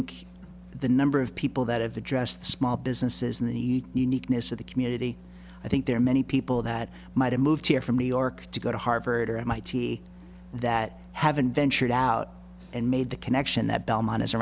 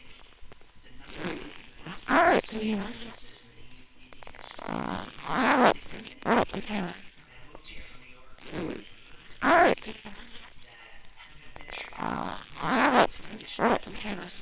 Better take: first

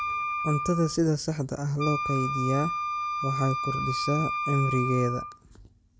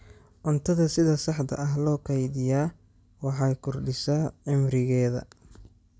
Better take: second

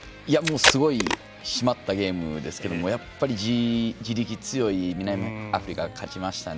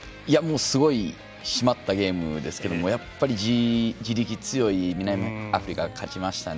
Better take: second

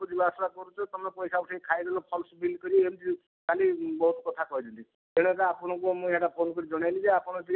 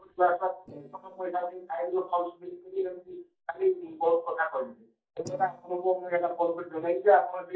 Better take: first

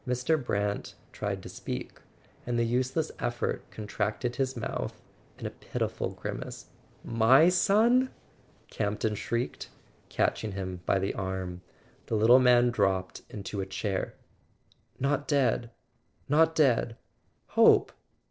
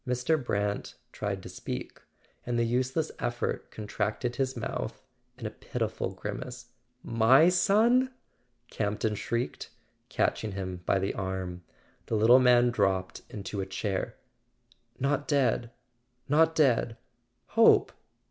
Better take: second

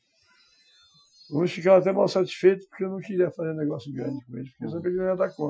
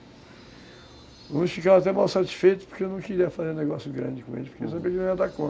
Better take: second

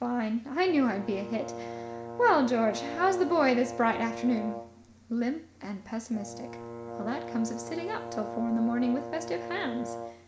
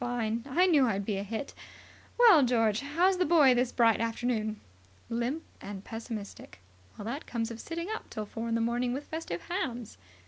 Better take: second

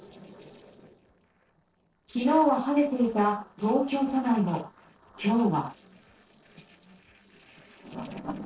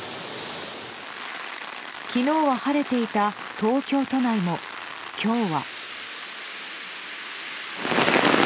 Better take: second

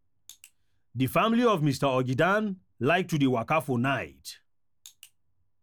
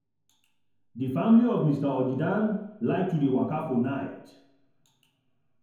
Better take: first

